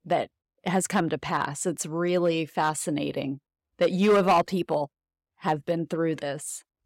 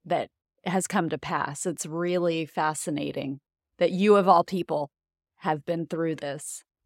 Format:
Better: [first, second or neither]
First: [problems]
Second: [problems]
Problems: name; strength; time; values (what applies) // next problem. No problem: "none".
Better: second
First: distortion; slight; 2% of the sound clipped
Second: none